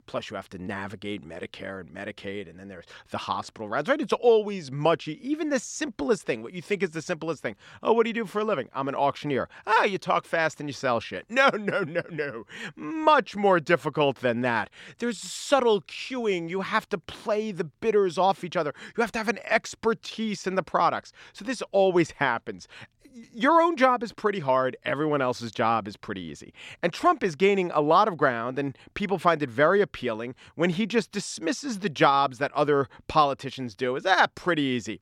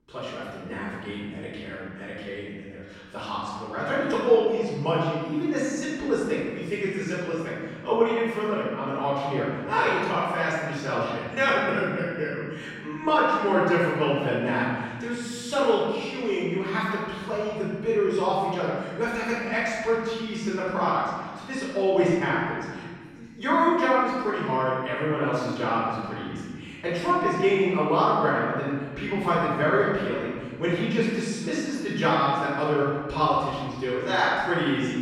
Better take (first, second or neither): first